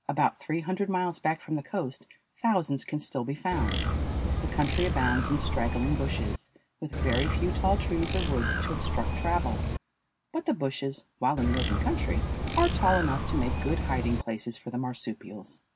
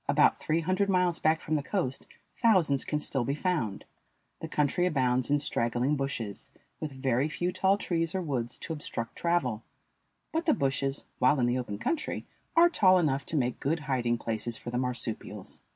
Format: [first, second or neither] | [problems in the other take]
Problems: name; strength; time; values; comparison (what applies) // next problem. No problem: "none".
second | background sound (Bird); 2 dB above the speech